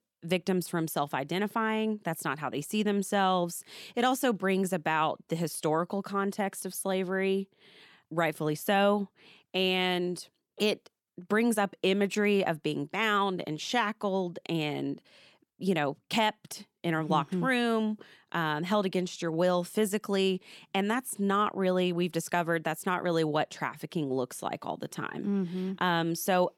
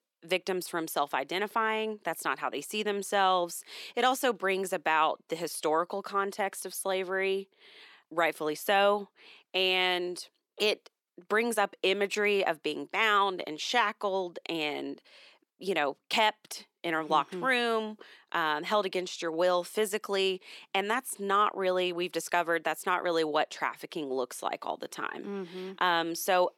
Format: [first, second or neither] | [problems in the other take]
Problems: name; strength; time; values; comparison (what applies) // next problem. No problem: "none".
first | thin; somewhat; fading below 400 Hz